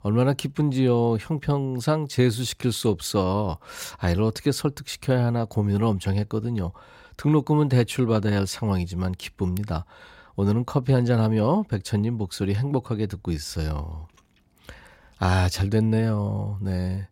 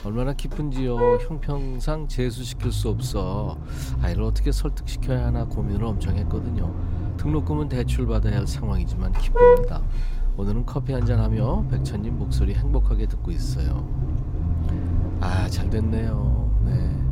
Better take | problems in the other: first | traffic noise; very loud; throughout; 4 dB above the speech

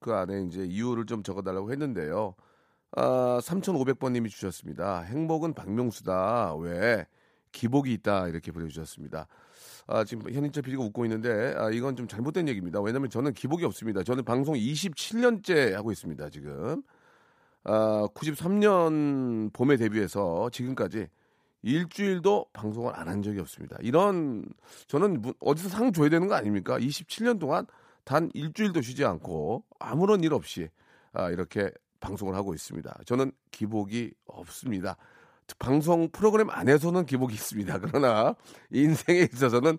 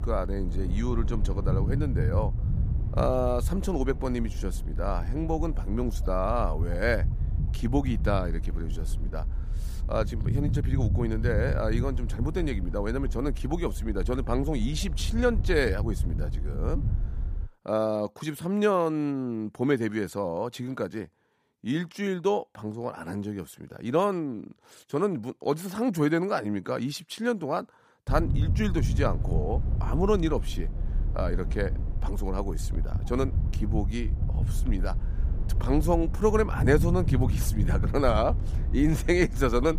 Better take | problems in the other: first | low rumble; noticeable; until 17 s and from 28 s on; 15 dB below the speech

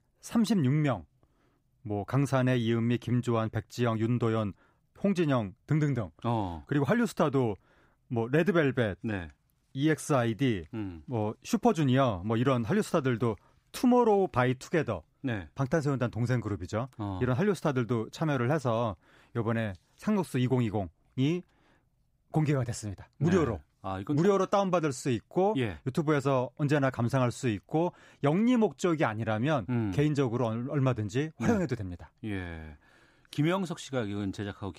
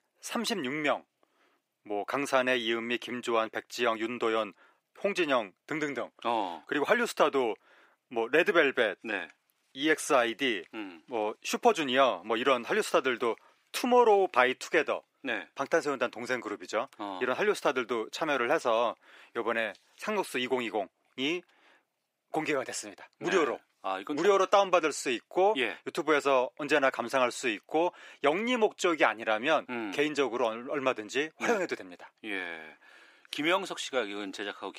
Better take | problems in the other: first | thin; somewhat; fading below 400 Hz

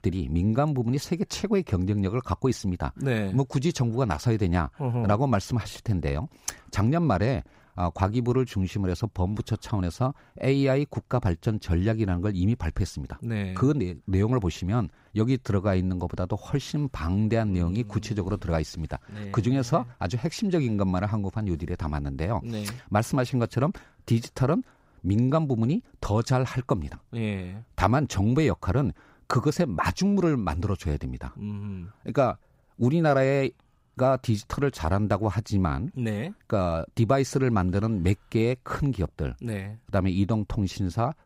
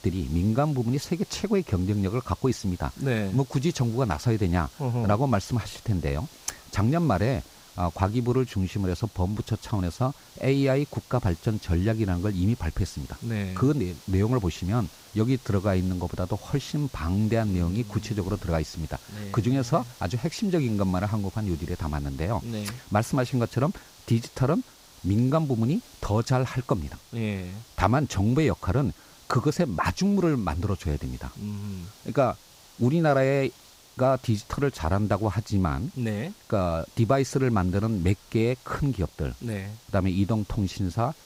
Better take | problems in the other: first | hiss; faint; throughout; 20 dB below the speech

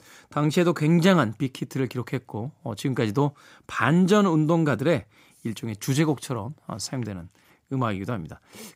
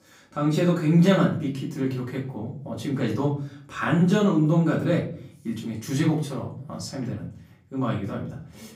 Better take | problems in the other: first | off-mic speech; far // room echo; slight; dies away in 0.5 s

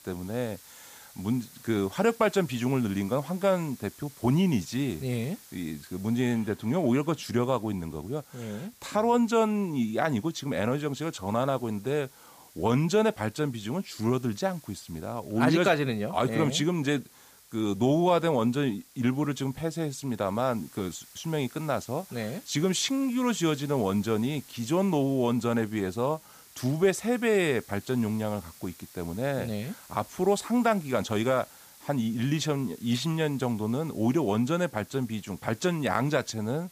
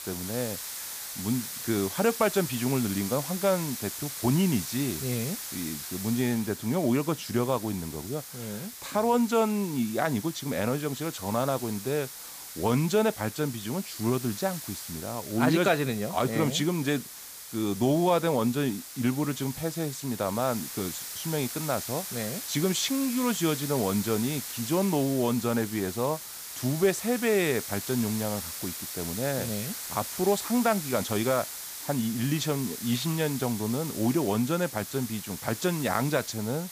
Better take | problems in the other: first | hiss; loud; throughout; 8 dB below the speech; faint in the first

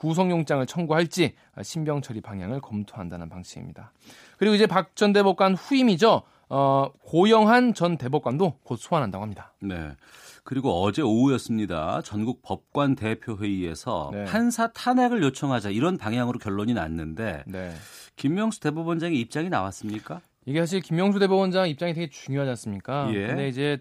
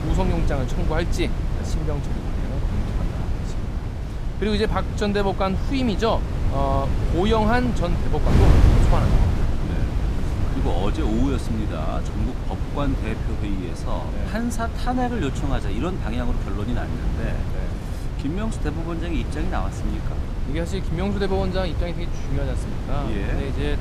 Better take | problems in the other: first | wind noise on the microphone; heavy; 6 dB below the speech

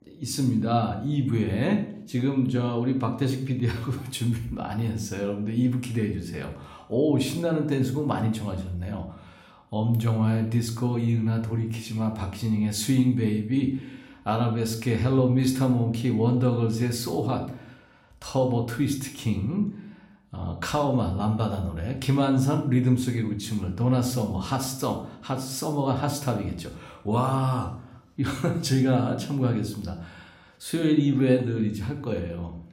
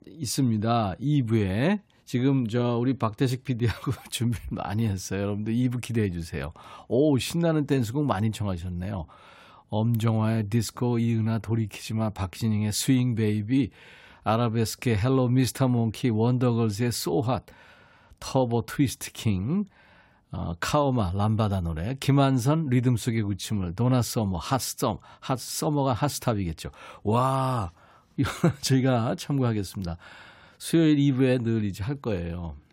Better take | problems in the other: second | room echo; slight; dies away in 0.5 s

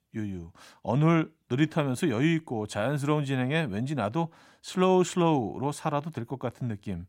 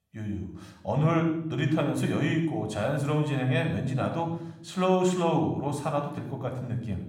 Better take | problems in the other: first | room echo; slight; dies away in 0.7 s

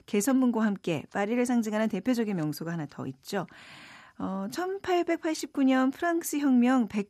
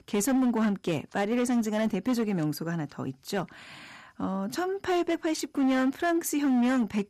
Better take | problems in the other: first | distortion; slight; 11% of the sound clipped

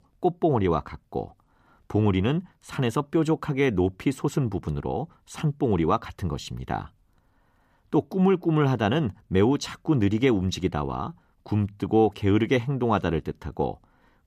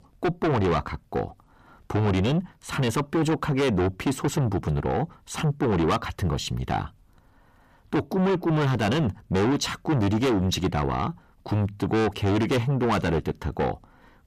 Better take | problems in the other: first | distortion; heavy; 6 dB below the speech

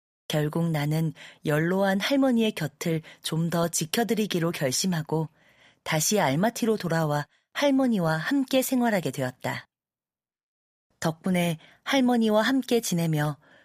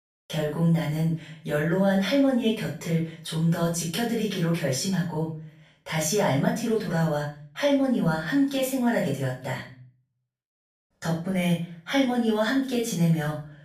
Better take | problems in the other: first | room echo; noticeable; dies away in 0.4 s // off-mic speech; far

